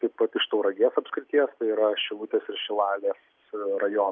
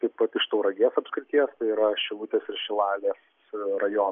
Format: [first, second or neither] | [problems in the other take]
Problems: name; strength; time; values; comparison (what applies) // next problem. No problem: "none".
first | noise reduction (neural mask model Resemble Enhance denoiser)